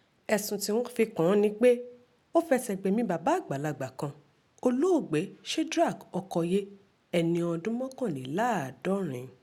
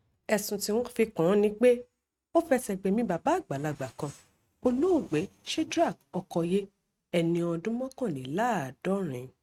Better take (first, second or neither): first